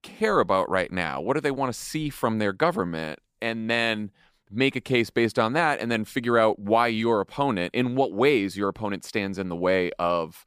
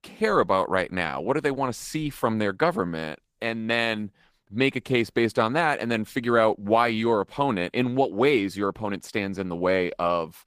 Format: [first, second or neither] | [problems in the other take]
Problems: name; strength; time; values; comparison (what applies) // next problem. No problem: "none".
first | garbled, watery; slightly; nothing above 15 kHz